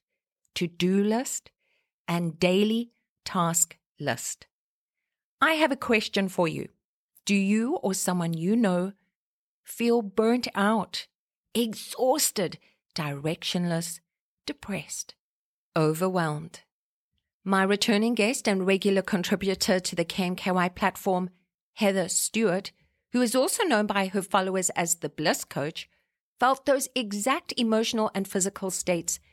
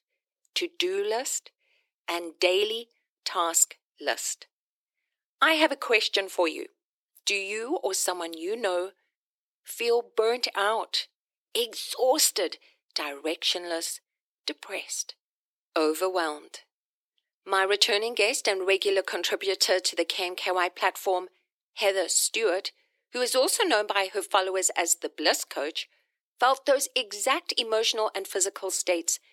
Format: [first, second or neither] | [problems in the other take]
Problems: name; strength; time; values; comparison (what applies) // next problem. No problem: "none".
first | thin; very; fading below 300 Hz